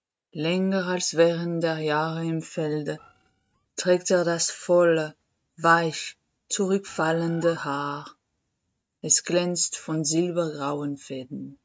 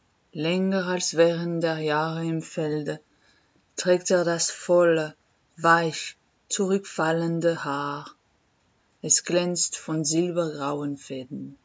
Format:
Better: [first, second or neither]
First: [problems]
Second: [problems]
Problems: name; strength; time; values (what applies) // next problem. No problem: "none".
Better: second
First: noise reduction (neural mask model RNNoise)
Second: none